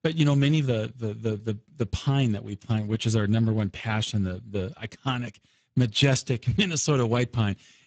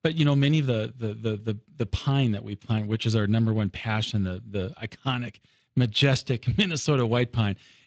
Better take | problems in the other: second | garbled, watery; badly; nothing above 7.5 kHz; slightly in the second

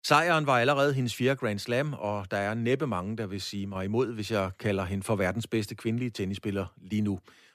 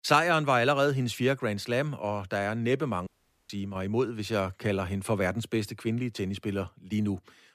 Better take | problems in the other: first | audio cutting out; at 3 s

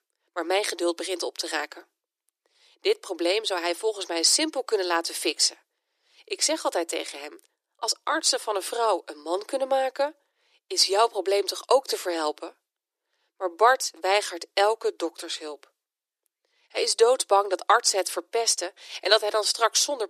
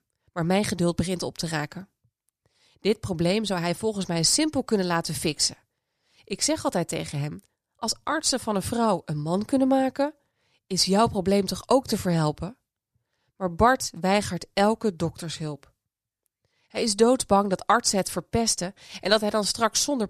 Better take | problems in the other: second | thin; very; fading below 350 Hz

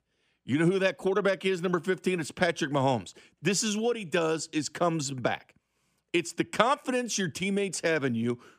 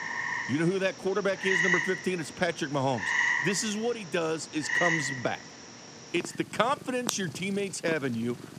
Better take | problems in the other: first | animal sounds; very loud; throughout; 1 dB above the speech

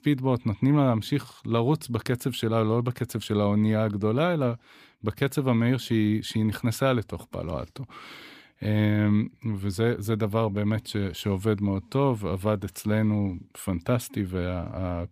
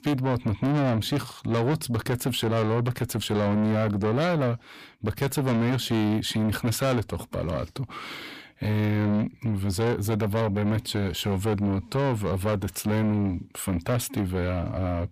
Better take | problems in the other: first | distortion; heavy; 6 dB below the speech

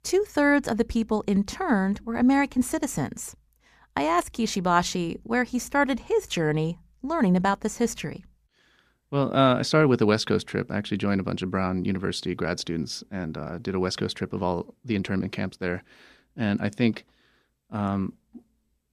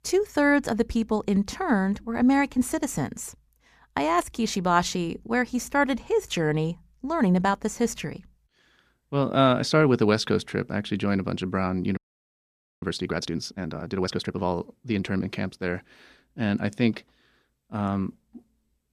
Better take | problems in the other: first | audio freezing; at 12 s for 1 s

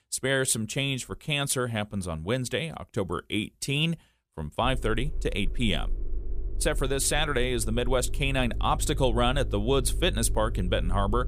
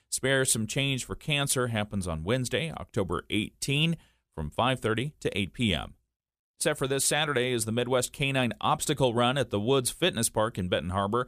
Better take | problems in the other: second | low rumble; faint; from 4.5 s on; 20 dB below the speech

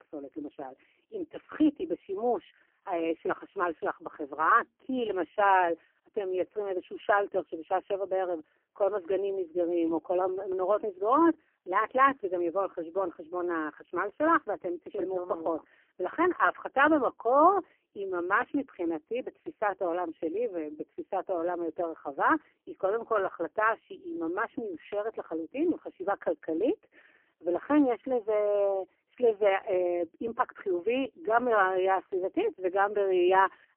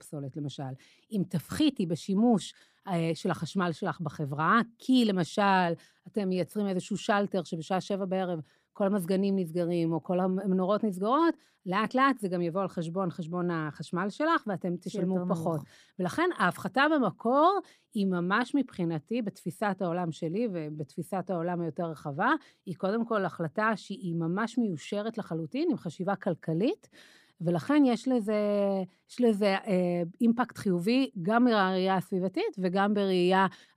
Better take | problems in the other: second | phone-call audio; poor line; nothing above 3 kHz

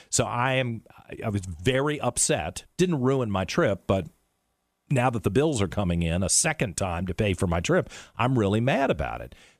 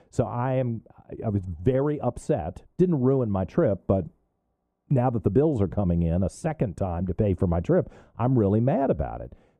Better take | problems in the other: first | muffled; very; fading above 1.5 kHz

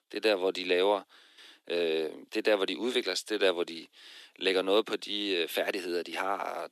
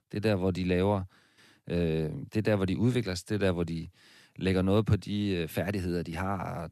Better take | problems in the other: second | thin; very; fading below 300 Hz

